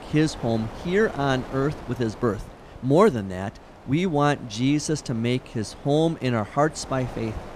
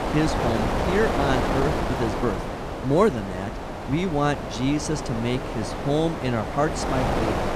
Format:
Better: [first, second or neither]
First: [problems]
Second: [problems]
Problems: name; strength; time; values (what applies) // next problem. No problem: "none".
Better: first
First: wind noise on the microphone; occasional gusts; 15 dB below the speech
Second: wind noise on the microphone; heavy; 1 dB below the speech